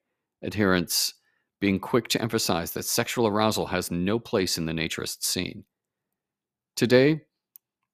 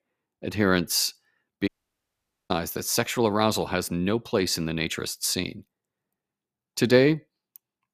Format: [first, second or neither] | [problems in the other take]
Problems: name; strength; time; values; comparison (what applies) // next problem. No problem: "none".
first | audio cutting out; at 1.5 s for 1 s